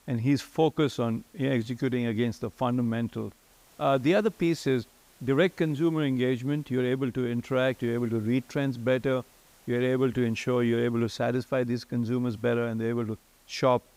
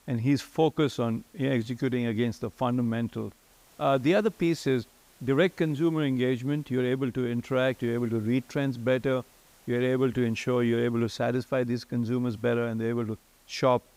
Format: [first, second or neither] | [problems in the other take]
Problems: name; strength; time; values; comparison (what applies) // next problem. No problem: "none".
neither | hiss; faint; throughout; 30 dB below the speech; the same in both